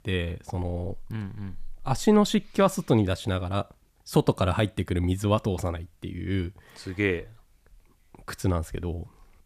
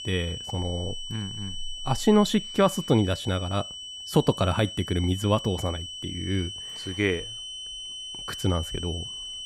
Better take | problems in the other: first | high-pitched whine; loud; throughout; 3 kHz, 9 dB below the speech

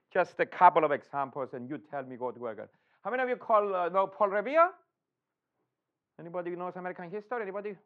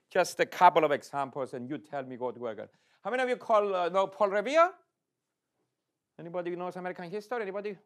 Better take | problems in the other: second | muffled; very; fading above 2 kHz

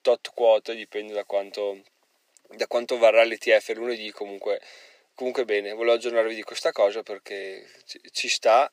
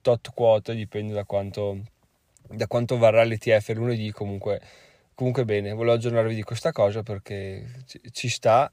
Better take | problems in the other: second | thin; very; fading below 300 Hz

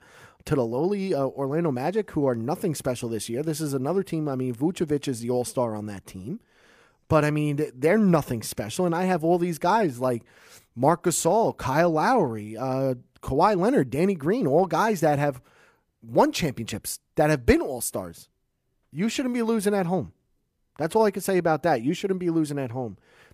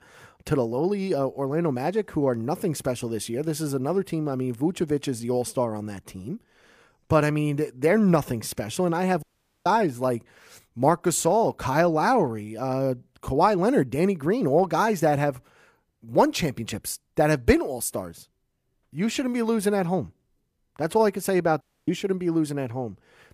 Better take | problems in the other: first | audio cutting out; at 9 s and at 22 s

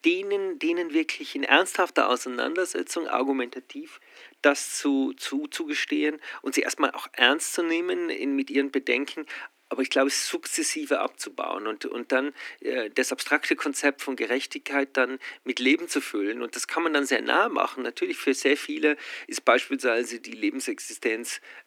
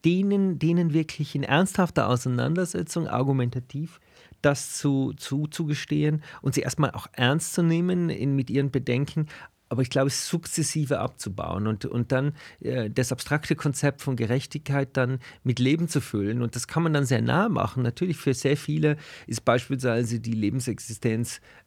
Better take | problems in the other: second | thin; somewhat; fading below 250 Hz

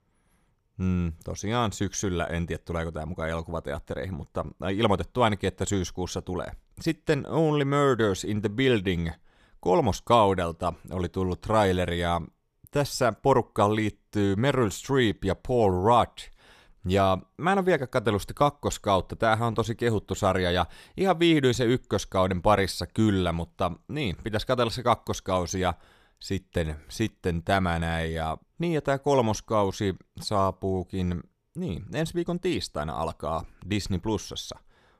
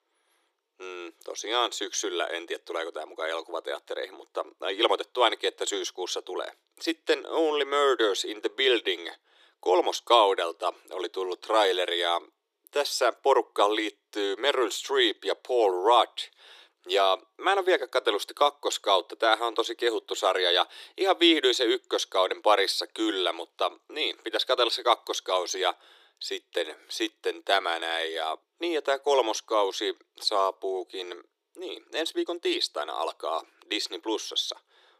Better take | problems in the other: first | thin; very; fading below 350 Hz

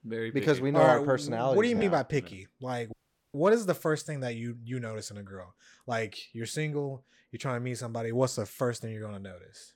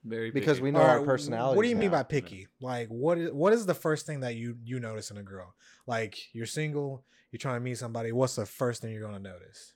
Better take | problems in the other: second | audio cutting out; at 3 s

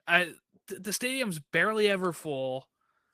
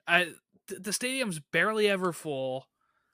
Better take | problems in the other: second | garbled, watery; slightly; nothing above 14 kHz

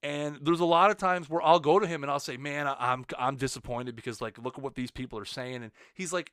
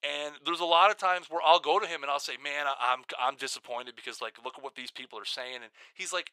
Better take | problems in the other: first | thin; very; fading below 700 Hz

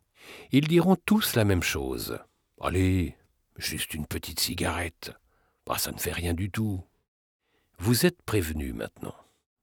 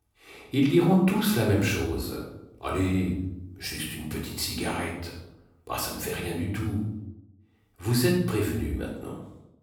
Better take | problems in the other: first | off-mic speech; far // room echo; noticeable; dies away in 0.7 s

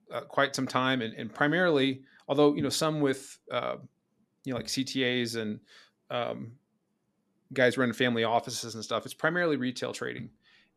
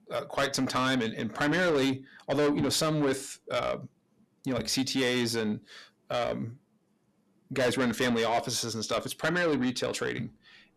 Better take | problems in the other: first | distortion; heavy; 6 dB below the speech

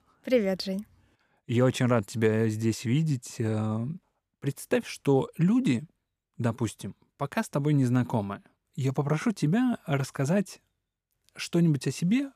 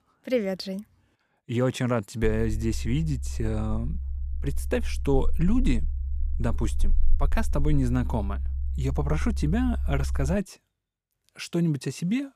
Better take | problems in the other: first | low rumble; faint; from 2 to 10 s; 20 dB below the speech

